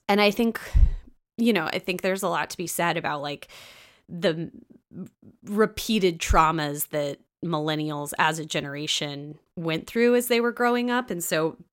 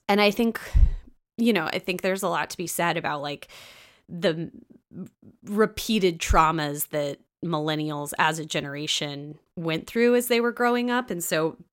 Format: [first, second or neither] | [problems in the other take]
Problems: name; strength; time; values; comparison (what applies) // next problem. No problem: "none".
neither | none